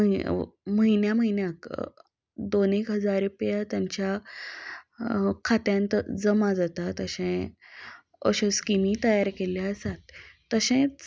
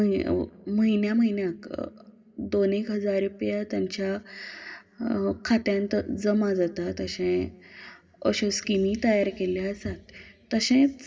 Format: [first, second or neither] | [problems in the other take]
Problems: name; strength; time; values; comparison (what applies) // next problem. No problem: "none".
first | room echo; dies away in 2.1 s